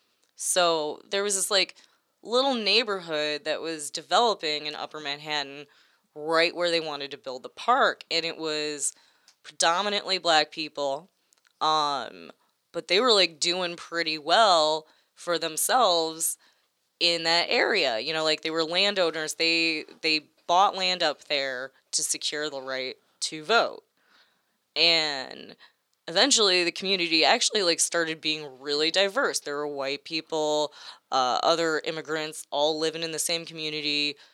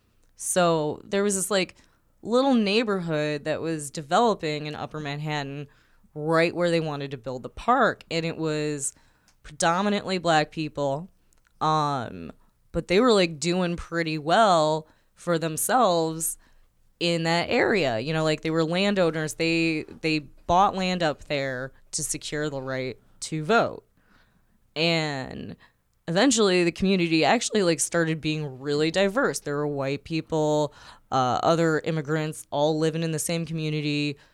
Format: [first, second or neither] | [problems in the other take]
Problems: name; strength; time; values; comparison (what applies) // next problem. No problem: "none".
second | thin; somewhat; fading below 400 Hz